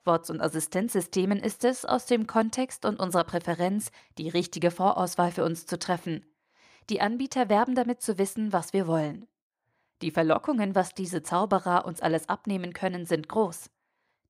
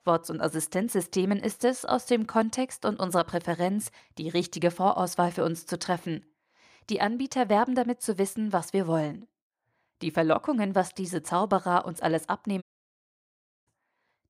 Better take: first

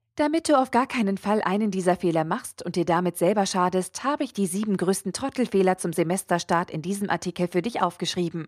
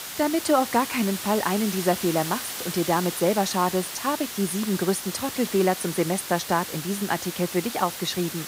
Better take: first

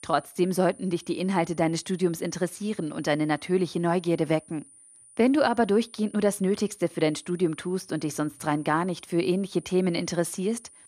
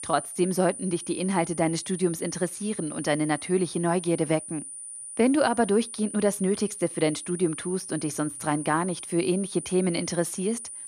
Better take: first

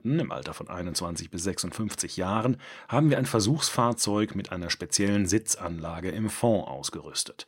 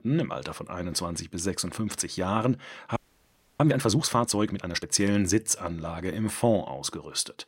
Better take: first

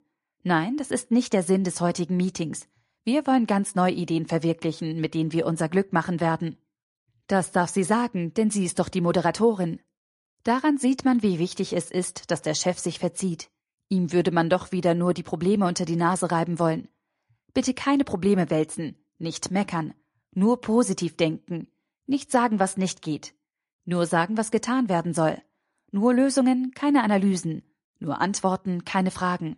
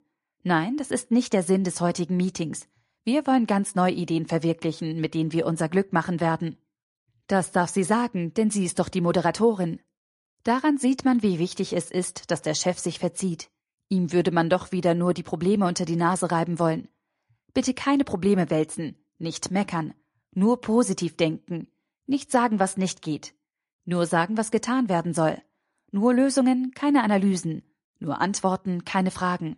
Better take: neither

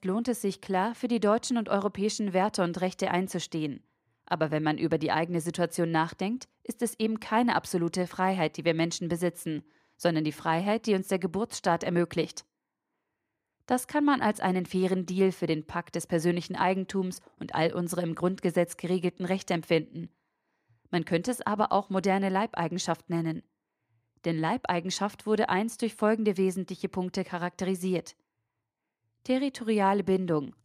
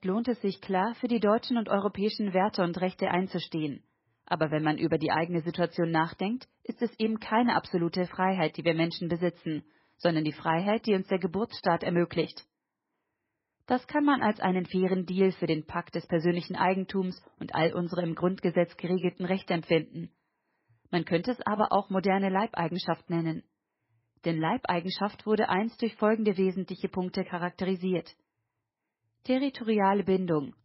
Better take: first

